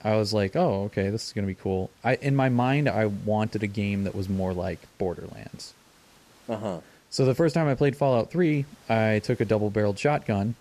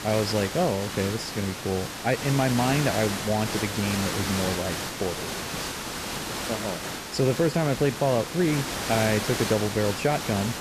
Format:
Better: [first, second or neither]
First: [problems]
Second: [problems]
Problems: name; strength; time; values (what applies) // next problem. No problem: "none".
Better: first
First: hiss; faint; throughout; 30 dB below the speech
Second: hiss; loud; throughout; 4 dB below the speech